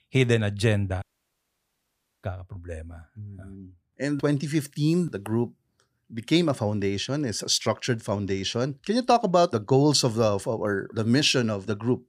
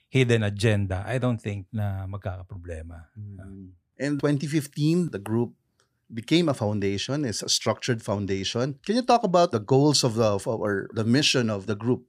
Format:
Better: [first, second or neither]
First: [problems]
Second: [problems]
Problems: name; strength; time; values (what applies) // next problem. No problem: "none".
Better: second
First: audio cutting out; at 1 s for 1 s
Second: none